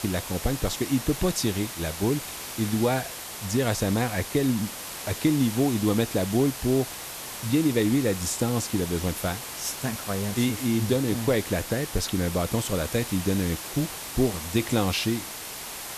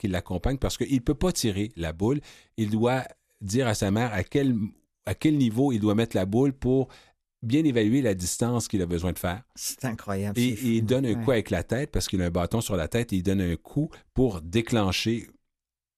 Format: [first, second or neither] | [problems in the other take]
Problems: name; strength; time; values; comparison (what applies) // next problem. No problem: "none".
second | hiss; loud; throughout; 8 dB below the speech